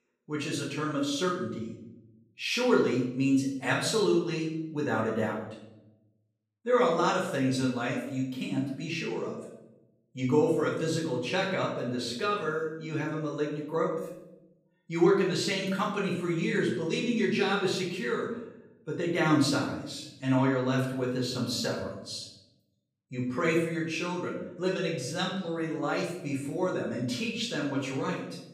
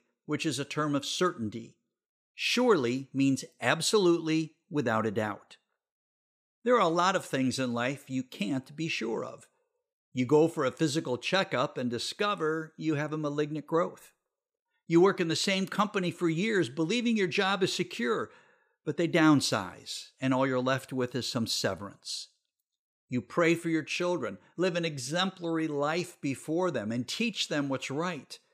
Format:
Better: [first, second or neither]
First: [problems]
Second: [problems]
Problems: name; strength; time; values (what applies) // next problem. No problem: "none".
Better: second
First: off-mic speech; far // room echo; noticeable; dies away in 0.7 s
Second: none